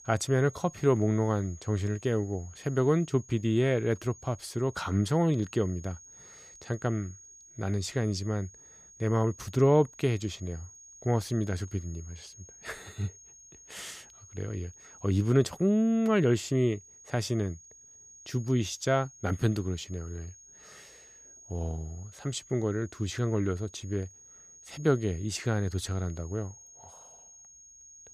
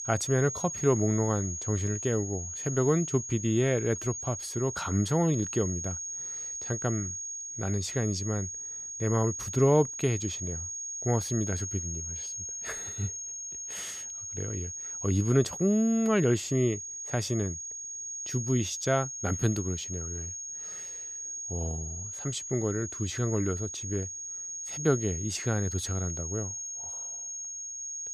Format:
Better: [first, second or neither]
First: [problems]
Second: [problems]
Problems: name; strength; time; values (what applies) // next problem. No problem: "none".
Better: first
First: high-pitched whine; faint; throughout; 6.5 kHz, 20 dB below the speech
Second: high-pitched whine; loud; throughout; 6.5 kHz, 5 dB below the speech